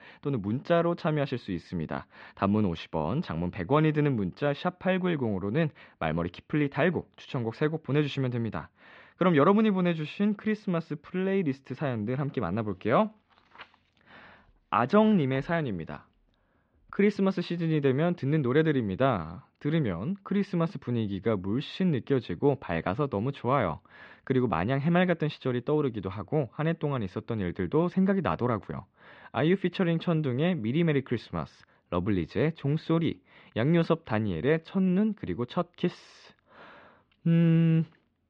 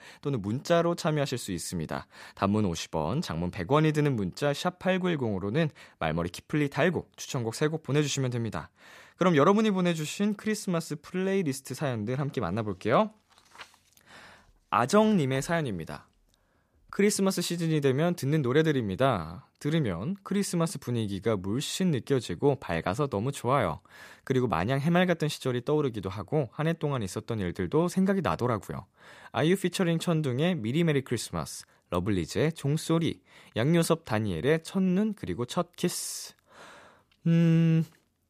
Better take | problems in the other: second | muffled; slightly; fading above 3.5 kHz

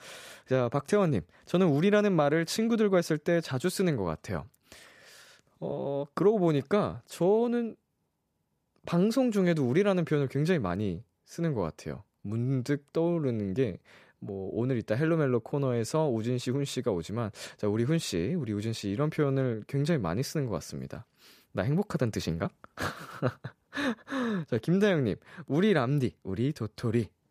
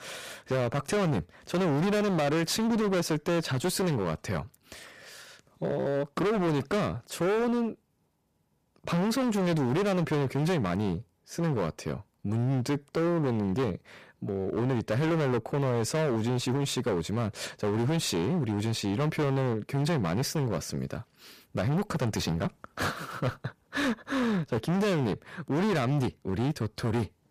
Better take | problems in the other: first | distortion; heavy; 25% of the sound clipped

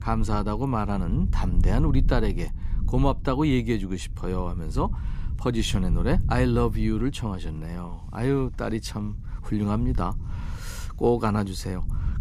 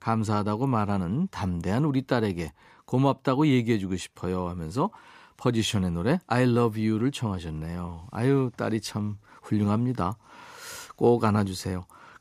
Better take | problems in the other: second | low rumble; noticeable; throughout; 20 dB below the speech

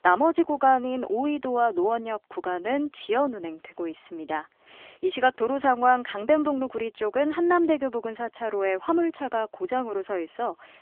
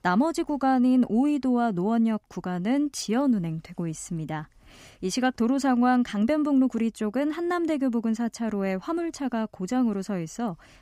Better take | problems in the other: second | phone-call audio; nothing above 3.5 kHz

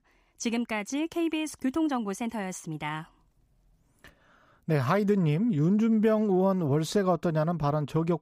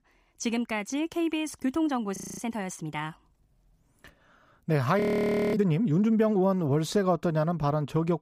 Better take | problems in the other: first | audio freezing; at 2 s and at 5 s for 0.5 s

